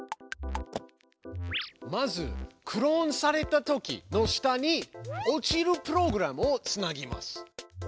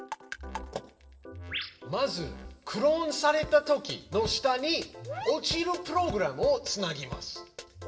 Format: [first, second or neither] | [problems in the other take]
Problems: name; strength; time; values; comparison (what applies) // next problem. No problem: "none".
first | room echo; dies away in 0.7 s